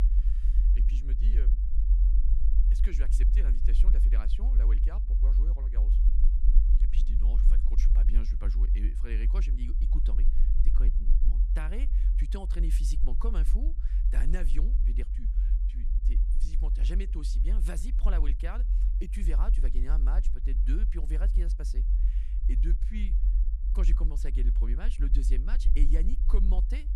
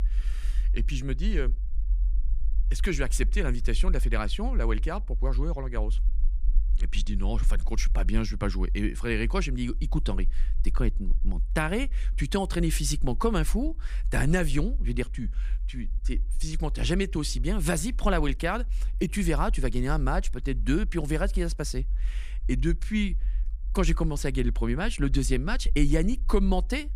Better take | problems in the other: second | low rumble; loud; throughout; 5 dB below the speech; faint in the second

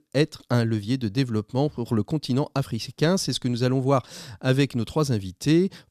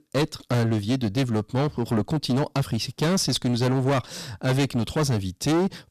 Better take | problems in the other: first | distortion; heavy; 18% of the sound clipped

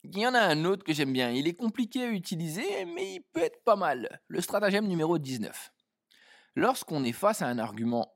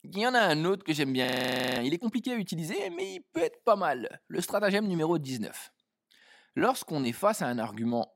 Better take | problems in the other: first | audio freezing; at 1.5 s for 0.5 s

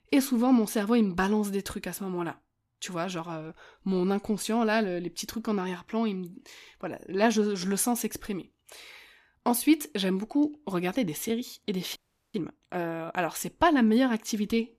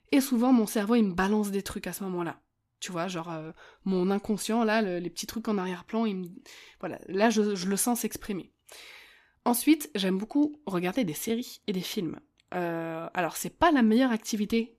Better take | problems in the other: second | audio freezing; at 12 s

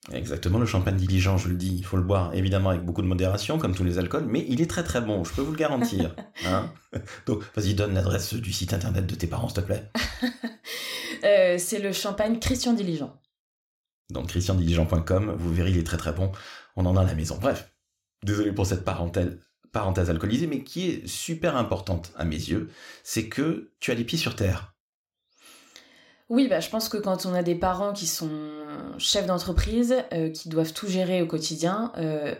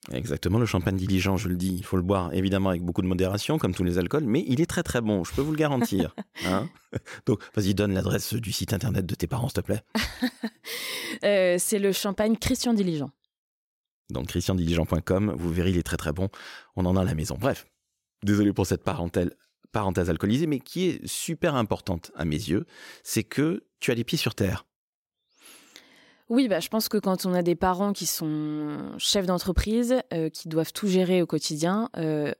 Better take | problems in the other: second | room echo; very slight; dies away in 0.4 s

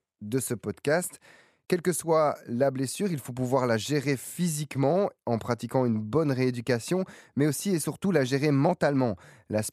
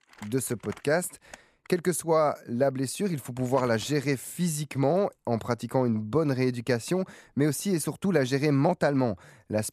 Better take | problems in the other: first | household noises; faint; throughout; 25 dB below the speech

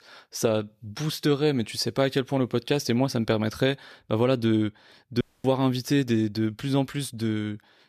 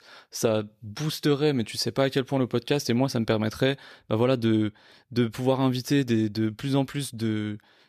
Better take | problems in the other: second | audio cutting out; at 5 s

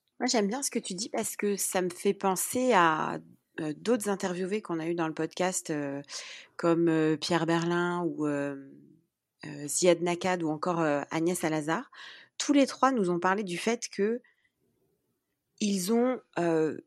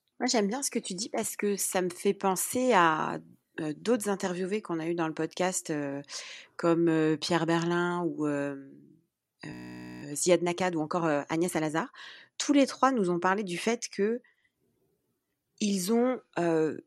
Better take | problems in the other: first | audio freezing; at 9.5 s for 0.5 s

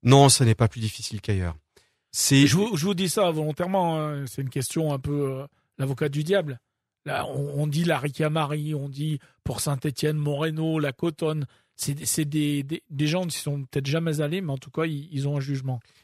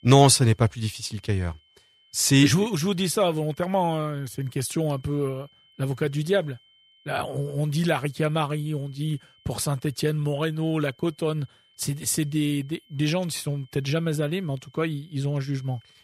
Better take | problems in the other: first | high-pitched whine; faint; throughout; 3 kHz, 30 dB below the speech

